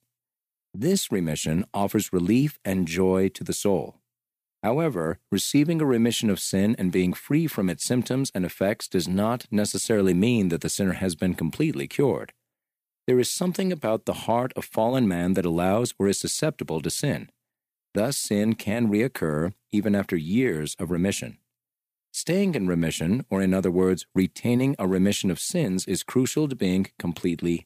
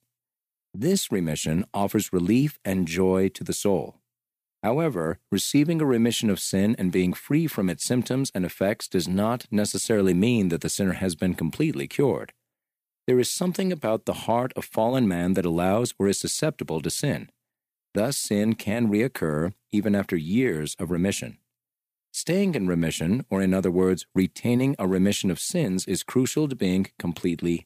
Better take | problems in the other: neither | none

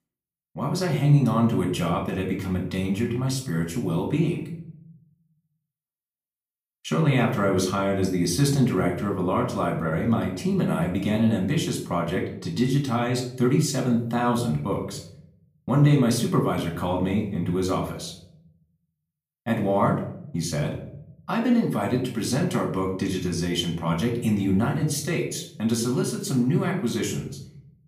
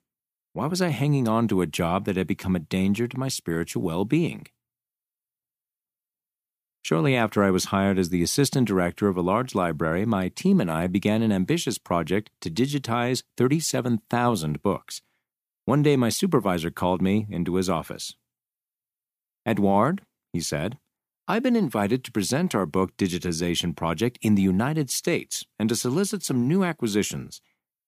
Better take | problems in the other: second | off-mic speech; somewhat distant // room echo; slight; dies away in 0.6 s

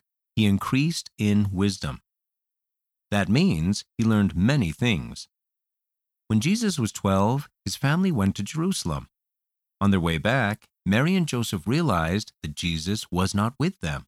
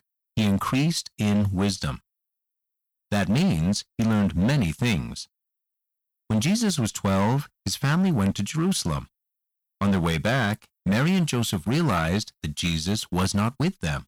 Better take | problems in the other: first | distortion; slight; 12% of the sound clipped

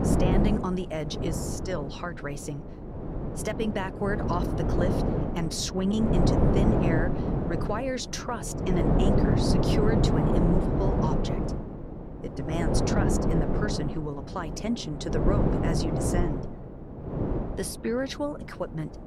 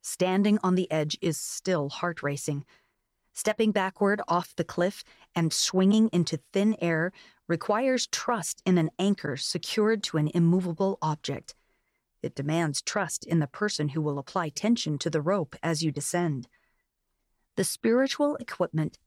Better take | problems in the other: second | wind noise on the microphone; heavy; 1 dB above the speech

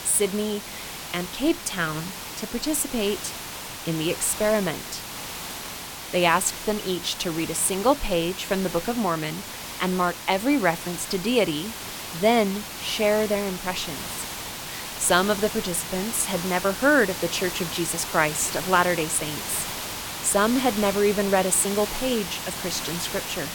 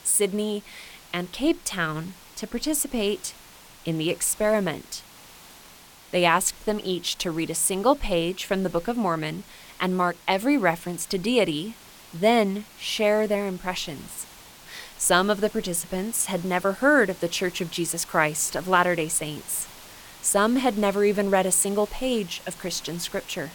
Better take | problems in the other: second | hiss; loud; throughout; 8 dB below the speech; faint in the second

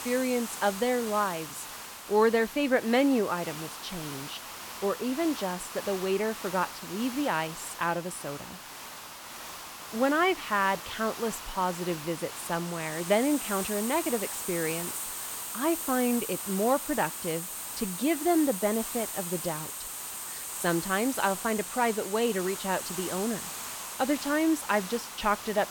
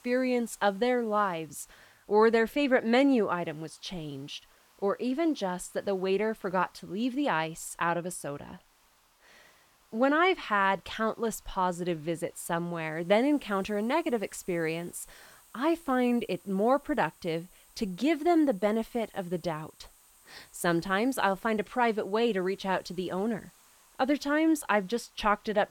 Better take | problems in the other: second | hiss; loud; throughout; 7 dB below the speech; faint in the second

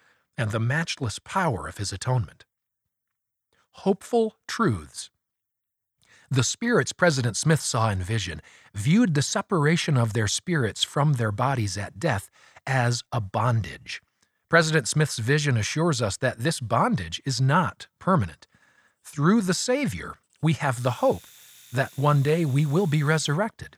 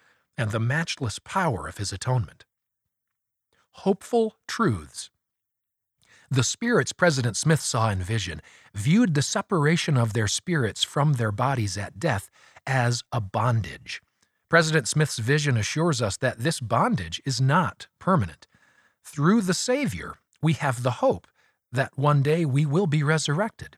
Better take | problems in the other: second | household noises; faint; from 19 s on; 25 dB below the speech

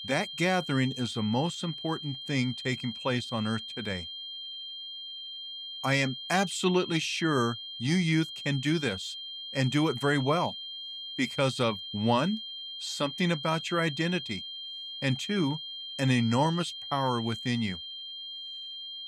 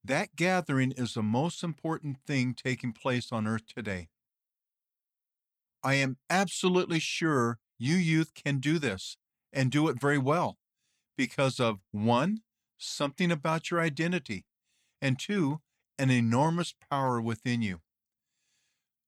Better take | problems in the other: second | high-pitched whine; loud; throughout; 3 kHz, 8 dB below the speech

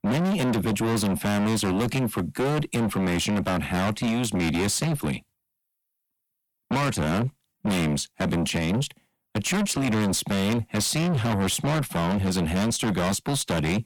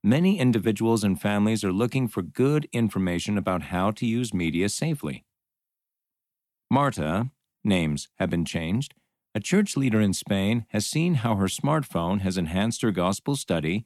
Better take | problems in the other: second | distortion; heavy; 6 dB below the speech

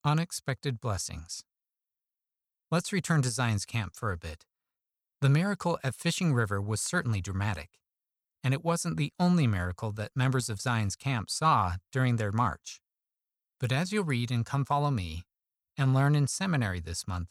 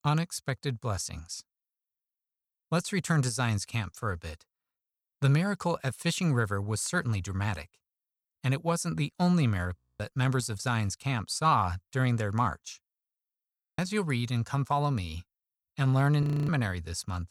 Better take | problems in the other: first | audio freezing; at 10 s, at 14 s and at 16 s

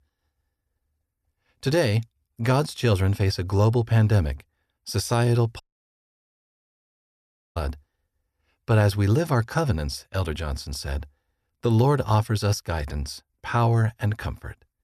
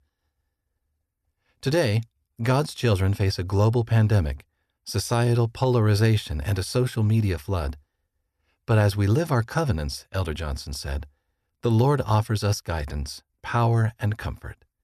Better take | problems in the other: second | audio cutting out; at 5.5 s for 2 s

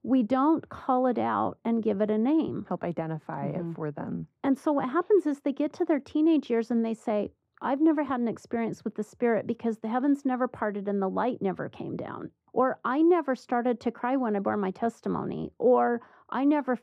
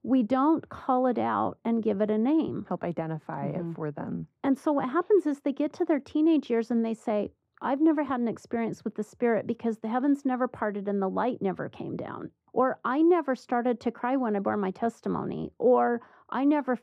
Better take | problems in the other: neither | muffled; very; fading above 2 kHz; the same in both

